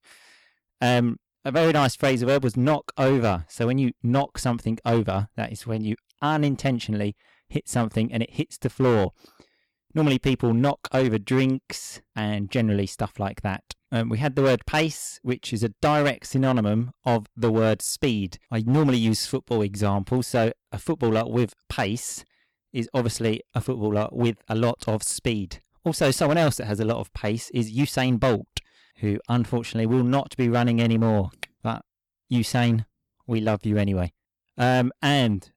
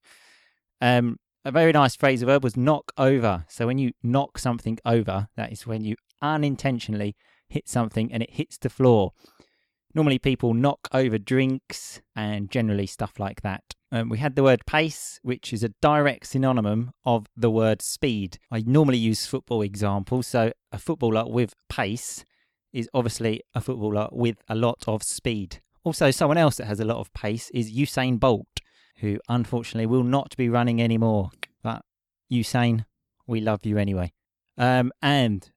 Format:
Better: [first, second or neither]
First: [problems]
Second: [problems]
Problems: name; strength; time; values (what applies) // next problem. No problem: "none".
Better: second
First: distortion; slight; 6% of the sound clipped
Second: none